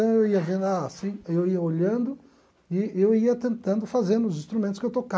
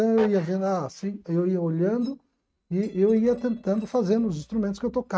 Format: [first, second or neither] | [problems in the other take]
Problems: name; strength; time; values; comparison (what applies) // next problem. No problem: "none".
first | noise reduction (neural mask model RNNoise)